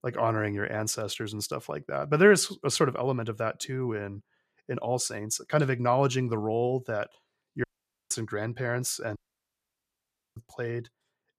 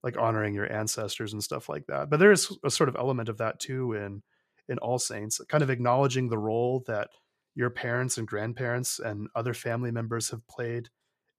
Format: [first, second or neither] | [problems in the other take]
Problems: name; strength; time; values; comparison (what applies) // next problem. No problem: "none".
second | audio cutting out; at 7.5 s and at 9 s for 1 s